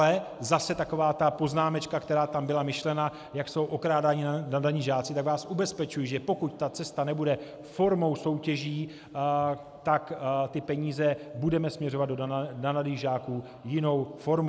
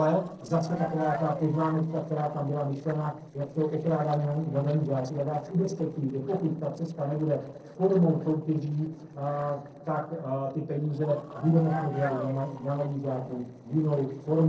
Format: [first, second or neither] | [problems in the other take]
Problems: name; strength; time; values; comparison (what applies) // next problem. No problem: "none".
first | noise reduction (neural separator model SepFormer DNS4)